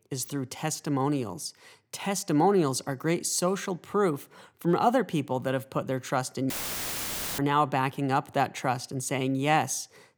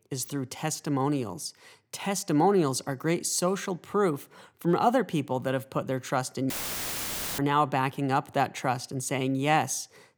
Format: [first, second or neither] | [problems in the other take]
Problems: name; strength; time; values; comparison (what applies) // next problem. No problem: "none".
neither | audio cutting out; filled with static; at 6.5 s for 1 s; the same in both